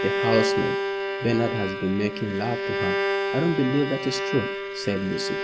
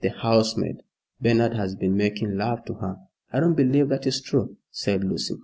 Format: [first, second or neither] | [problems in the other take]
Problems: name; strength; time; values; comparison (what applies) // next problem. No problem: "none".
second | background sound (Bowed string instrument); 1 dB below the speech